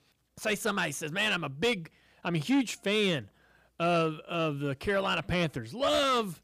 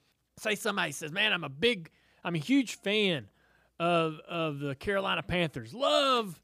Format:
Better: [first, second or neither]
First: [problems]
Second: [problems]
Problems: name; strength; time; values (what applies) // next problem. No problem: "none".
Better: second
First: distortion; slight; 10 dB below the speech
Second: none